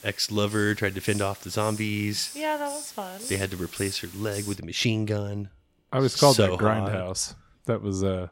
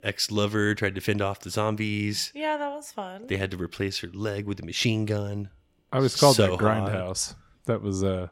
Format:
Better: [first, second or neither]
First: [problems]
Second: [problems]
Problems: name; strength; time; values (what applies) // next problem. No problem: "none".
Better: second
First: hiss; noticeable; until 4.5 s; 10 dB below the speech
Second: none